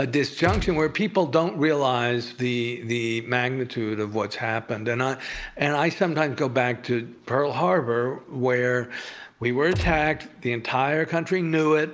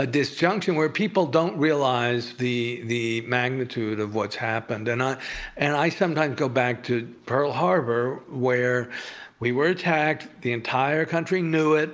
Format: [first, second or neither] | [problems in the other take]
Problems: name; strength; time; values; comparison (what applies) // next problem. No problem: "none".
second | background sound (Gunshot, gunfire); 5 dB below the speech